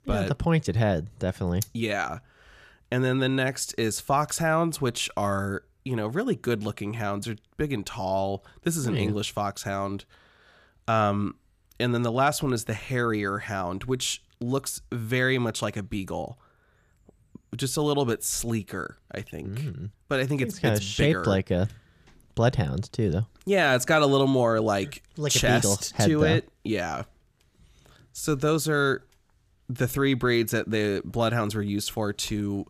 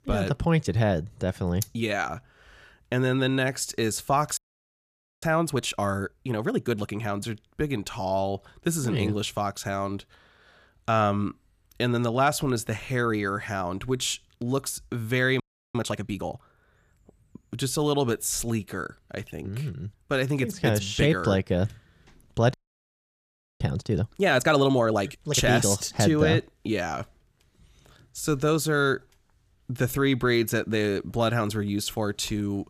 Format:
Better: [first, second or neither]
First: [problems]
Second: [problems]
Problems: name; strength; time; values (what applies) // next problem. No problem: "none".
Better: first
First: none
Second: audio freezing; at 4.5 s for 1 s, at 15 s and at 23 s for 1 s